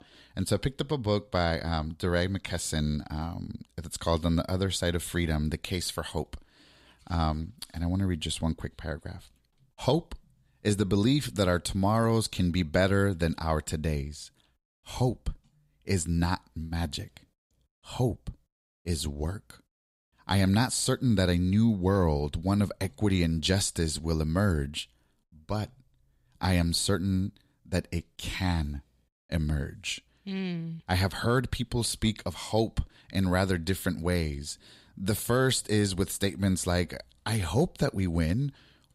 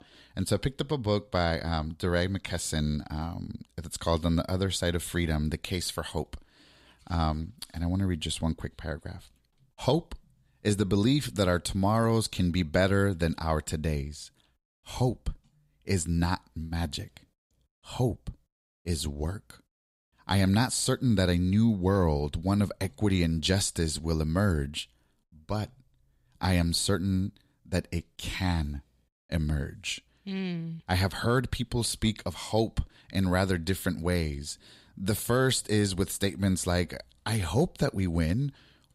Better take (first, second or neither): neither